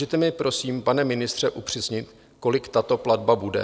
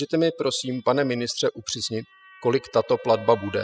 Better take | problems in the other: first | noise reduction (classical method spectral subtraction)

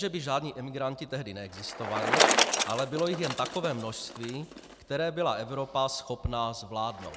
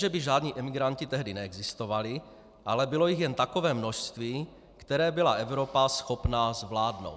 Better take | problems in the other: second | background sound (Bicycle); as loud as the speech

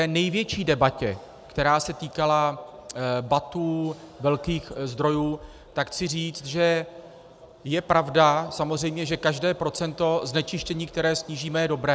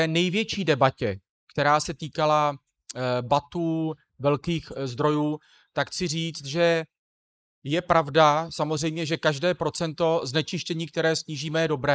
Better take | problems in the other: first | noise reduction (neural mask model Resemble Enhance denoiser)

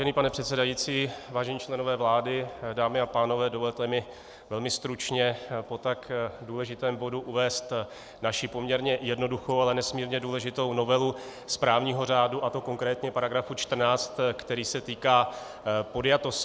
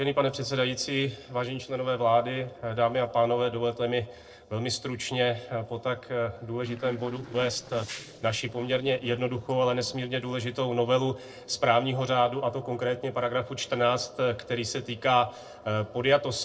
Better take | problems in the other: first | noise reduction (neural separator model SepFormer DNS4)

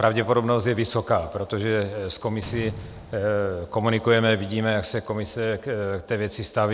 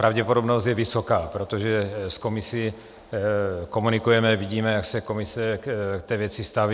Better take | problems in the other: second | background sound (Slam); 19 dB below the speech

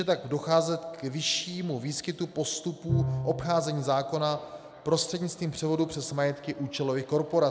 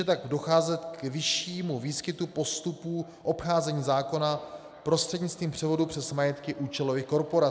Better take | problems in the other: second | background sound (Bowed string instrument); 10 dB below the speech

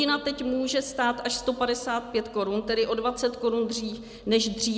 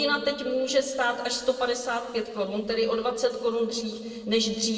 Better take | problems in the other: first | noise reduction (neural separator model SepFormer DNS4)

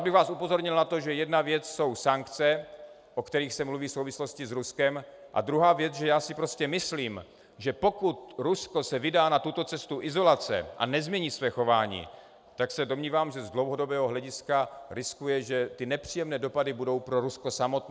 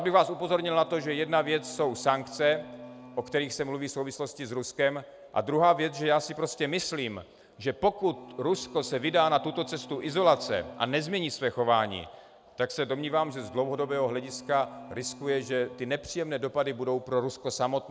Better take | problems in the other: first | background sound (Bowed string instrument); 20 dB below the speech

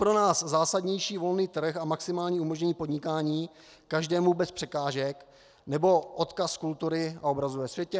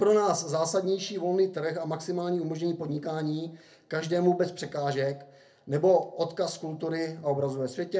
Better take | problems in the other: first | room echo; dies away in 0.3 s

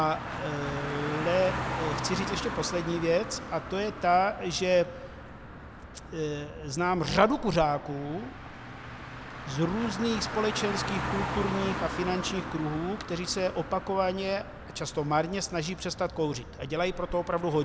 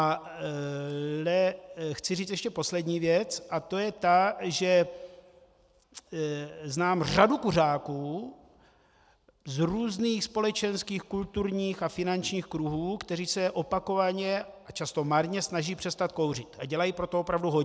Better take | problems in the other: second | background sound (Car); 7 dB below the speech

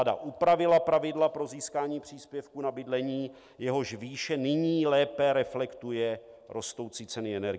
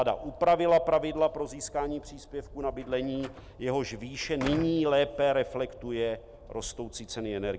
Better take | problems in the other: first | background sound (Slam + Train); 16 dB below the speech

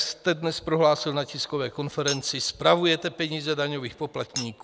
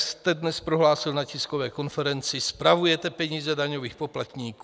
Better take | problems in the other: second | background sound (Chink, clink); 16 dB below the speech

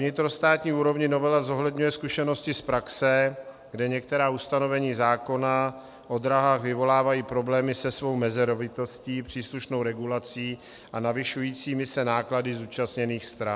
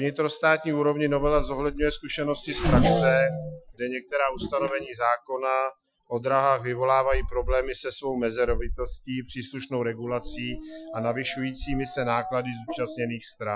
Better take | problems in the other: first | noise reduction (classical method Wiener filter)

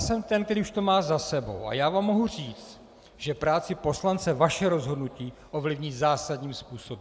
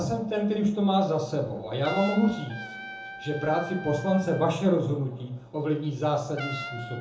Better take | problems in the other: first | background sound (Trumpet); 14 dB below the speech // room echo; dies away in 0.8 s

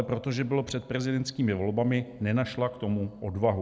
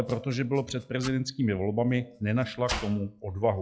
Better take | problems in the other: first | noise reduction (classical method log-MMSE)

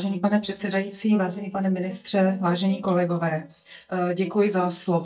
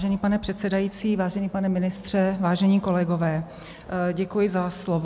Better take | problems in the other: second | noise reduction (neural mask model DeepFilterNet 3)

